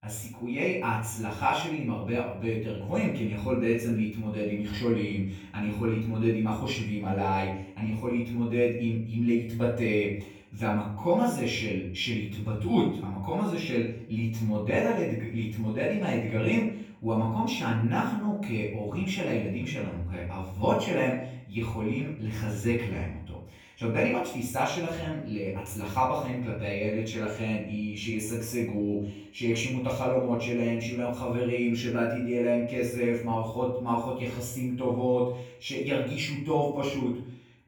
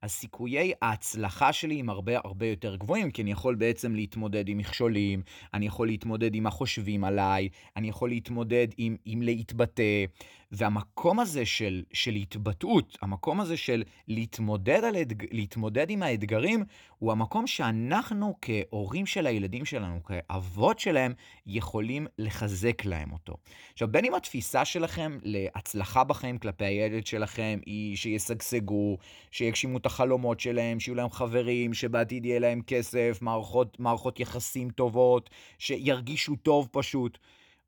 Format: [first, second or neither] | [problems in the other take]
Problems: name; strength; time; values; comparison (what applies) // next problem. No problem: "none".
second | off-mic speech; far // room echo; noticeable; dies away in 0.5 s